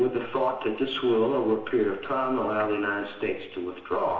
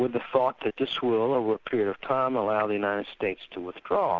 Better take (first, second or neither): second